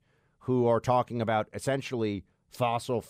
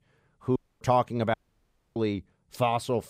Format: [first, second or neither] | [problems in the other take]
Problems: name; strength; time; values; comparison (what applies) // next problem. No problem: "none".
first | audio cutting out; at 0.5 s and at 1.5 s for 0.5 s